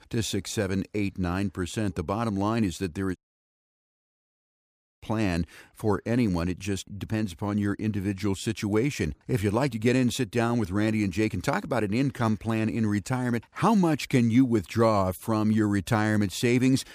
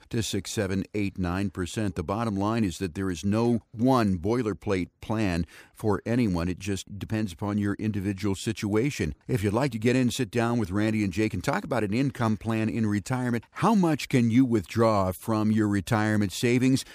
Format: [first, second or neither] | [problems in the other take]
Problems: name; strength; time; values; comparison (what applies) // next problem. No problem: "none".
second | audio cutting out; at 3 s for 2 s